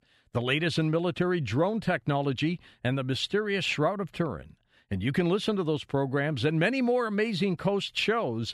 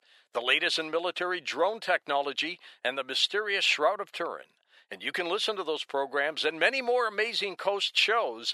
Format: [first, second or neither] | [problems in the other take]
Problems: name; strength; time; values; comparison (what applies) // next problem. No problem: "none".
first | thin; very; fading below 500 Hz